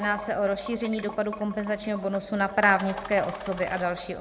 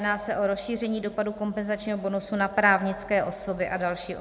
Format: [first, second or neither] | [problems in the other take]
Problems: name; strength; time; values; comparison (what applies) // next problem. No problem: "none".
second | background sound (Sink (filling or washing) / Water + Coin (dropping)); 15 dB below the speech